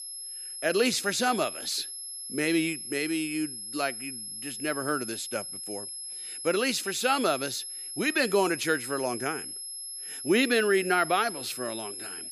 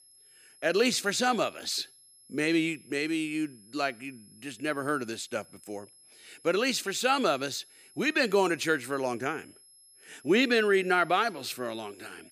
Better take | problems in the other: second | high-pitched whine; loud; throughout; 11 kHz, 8 dB below the speech; faint in the second

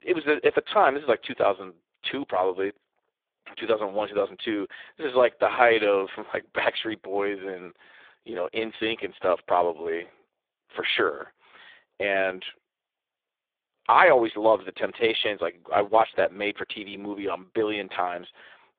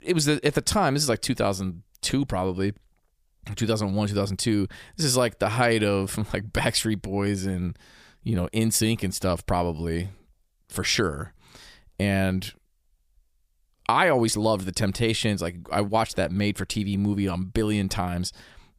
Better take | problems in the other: second | phone-call audio; poor line

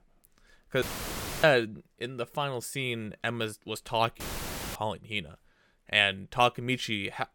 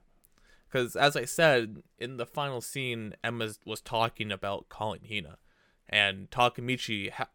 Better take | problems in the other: second | audio cutting out; filled with static; at 1 s for 0.5 s and at 4 s for 0.5 s

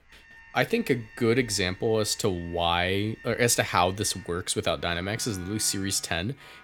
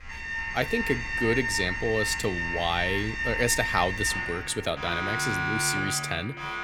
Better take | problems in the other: first | alarms or sirens; loud; throughout; 1 dB below the speech; faint in the first

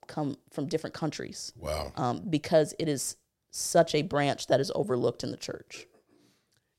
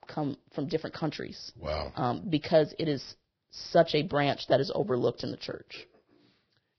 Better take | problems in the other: first | garbled, watery; badly; nothing above 5.5 kHz

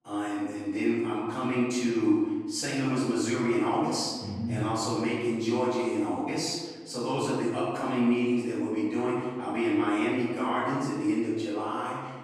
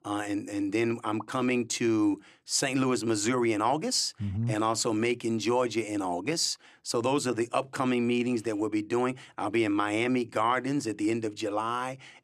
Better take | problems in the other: second | off-mic speech; far // room echo; strong; dies away in 1.3 s

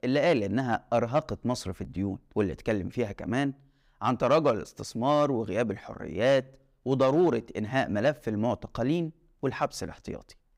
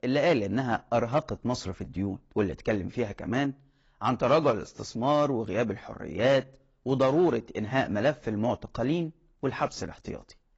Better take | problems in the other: first | garbled, watery; badly; nothing above 7.5 kHz

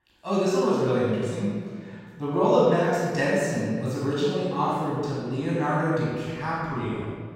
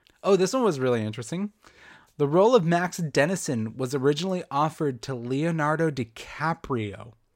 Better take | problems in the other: second | off-mic speech; far // room echo; strong; dies away in 1.6 s

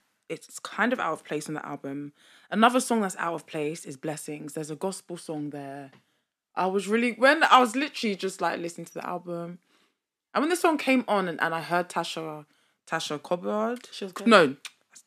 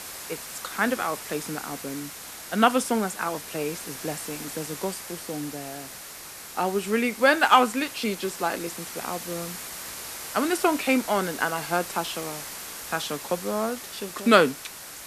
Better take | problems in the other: first | hiss; noticeable; throughout; 10 dB below the speech

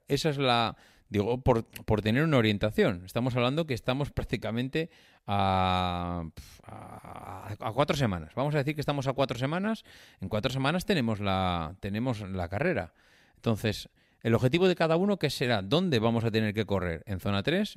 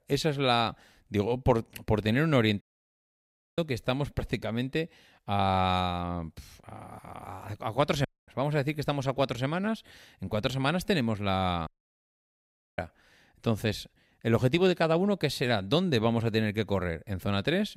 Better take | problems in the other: first | audio cutting out; at 2.5 s for 1 s, at 8 s and at 12 s for 1 s

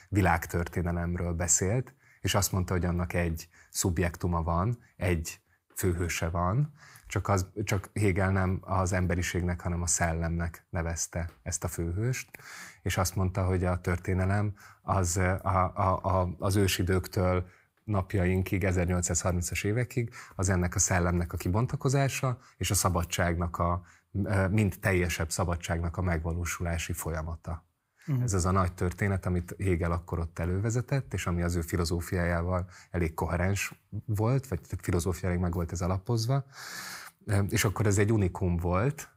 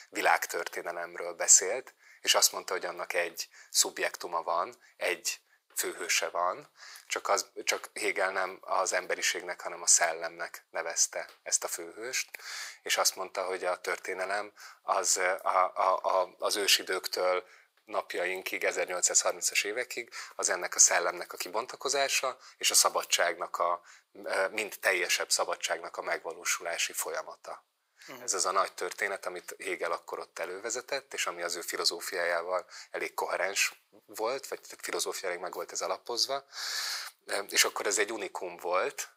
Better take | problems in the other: first | thin; very; fading below 500 Hz

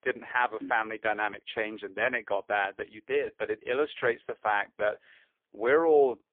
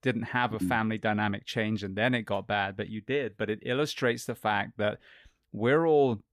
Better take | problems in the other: second | phone-call audio; poor line; nothing above 3.5 kHz

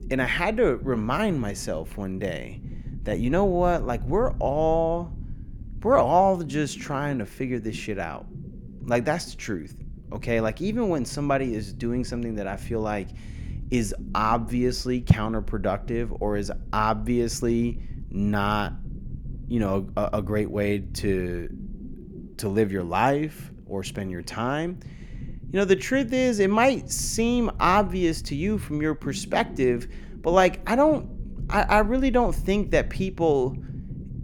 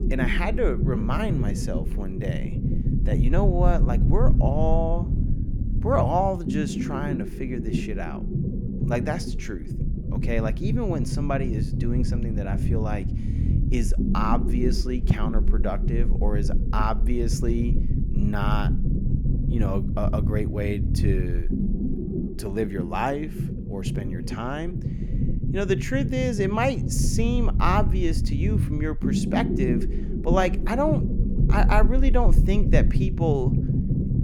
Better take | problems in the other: first | low rumble; loud; throughout; 7 dB below the speech; faint in the first

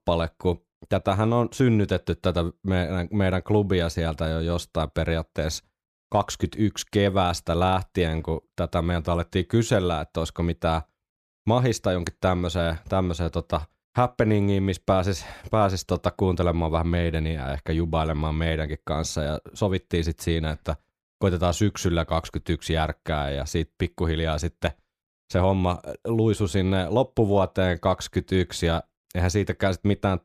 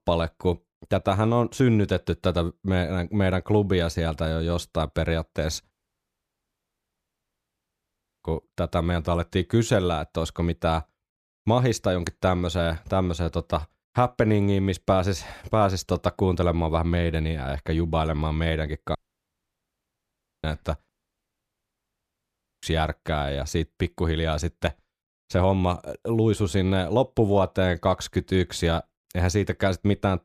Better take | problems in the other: first | audio cutting out; at 5.5 s for 2.5 s, at 19 s for 1.5 s and at 21 s for 1.5 s

